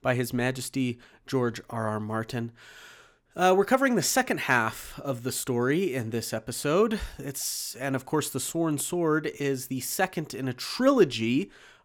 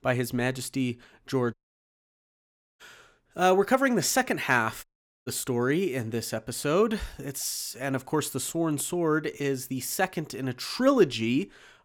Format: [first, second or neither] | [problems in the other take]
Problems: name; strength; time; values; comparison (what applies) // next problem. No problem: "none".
first | audio cutting out; at 1.5 s for 1.5 s and at 5 s